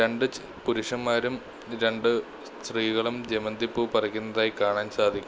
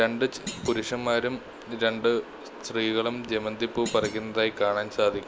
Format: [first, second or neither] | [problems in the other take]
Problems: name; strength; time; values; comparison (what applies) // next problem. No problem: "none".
first | background sound (Thump, thud); 14 dB below the speech